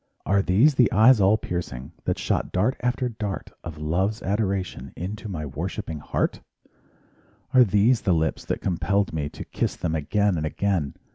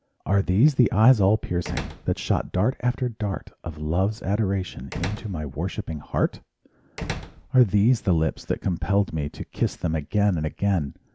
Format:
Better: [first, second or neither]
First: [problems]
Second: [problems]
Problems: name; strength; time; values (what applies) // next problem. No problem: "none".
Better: first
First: none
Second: background sound (Slam); 14 dB below the speech